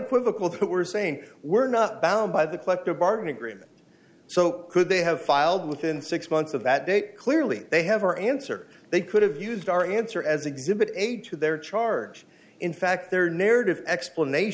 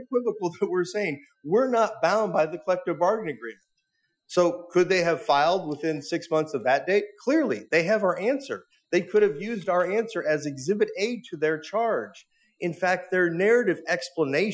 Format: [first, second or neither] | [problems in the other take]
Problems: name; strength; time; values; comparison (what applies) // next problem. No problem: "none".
first | noise reduction (classical method Wiener filter)